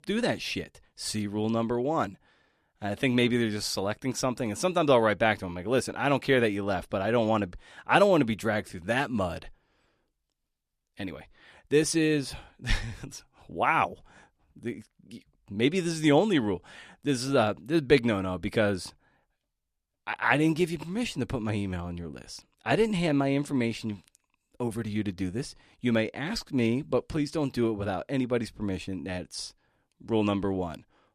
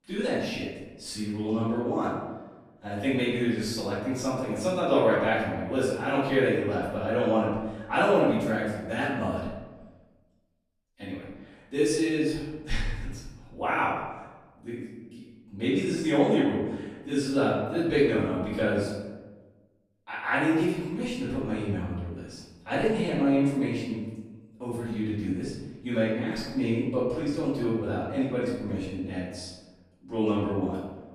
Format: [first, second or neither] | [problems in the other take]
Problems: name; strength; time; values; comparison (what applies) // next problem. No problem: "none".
first | off-mic speech; far // room echo; noticeable; dies away in 1 s